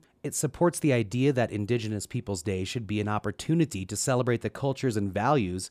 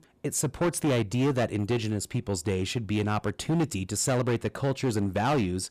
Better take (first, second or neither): first